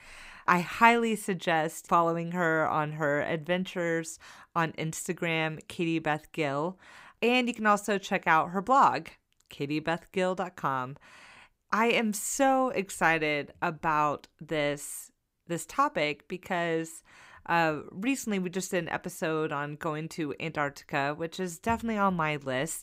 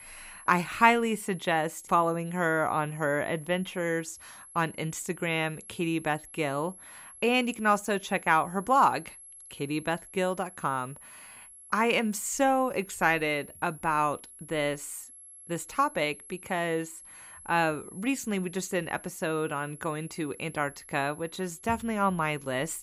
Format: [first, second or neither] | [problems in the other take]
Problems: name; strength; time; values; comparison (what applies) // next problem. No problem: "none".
first | high-pitched whine; noticeable; throughout; 11 kHz, 20 dB below the speech